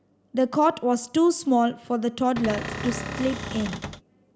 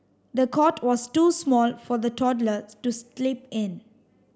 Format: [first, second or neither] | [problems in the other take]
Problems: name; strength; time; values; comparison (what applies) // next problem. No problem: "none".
second | background sound (Cupboard open or close / Door); 8 dB below the speech